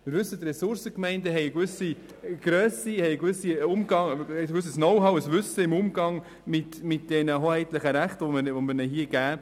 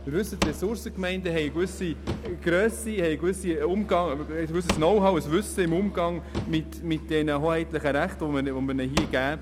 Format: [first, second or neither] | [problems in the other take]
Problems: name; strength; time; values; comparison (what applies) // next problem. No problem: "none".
first | background sound (Drawer open or close / Wood + Musical instrument); 9 dB below the speech